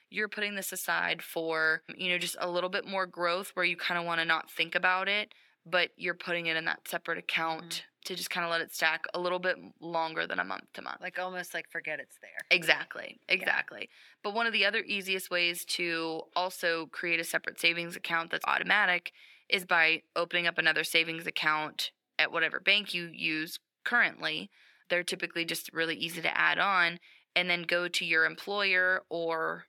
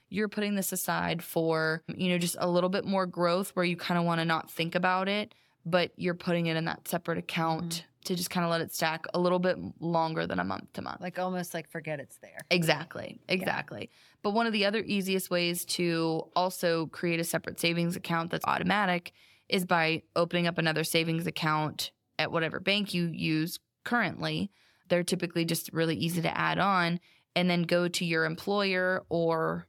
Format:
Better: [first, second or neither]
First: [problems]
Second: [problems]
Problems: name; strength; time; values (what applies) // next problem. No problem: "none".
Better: second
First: thin; somewhat; fading below 300 Hz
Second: none